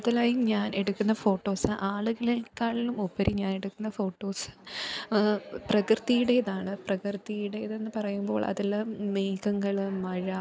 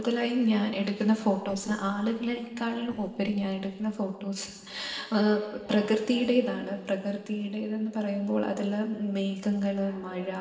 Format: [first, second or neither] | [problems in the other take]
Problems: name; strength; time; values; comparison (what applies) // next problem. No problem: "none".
first | noise reduction (neural separator model SepFormer DNS4)